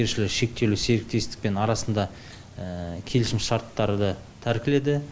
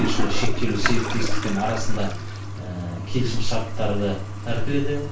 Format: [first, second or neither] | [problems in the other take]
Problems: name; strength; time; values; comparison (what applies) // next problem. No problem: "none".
first | background sound (Toilet flush); 10 dB below the speech // room echo; dies away in 0.3 s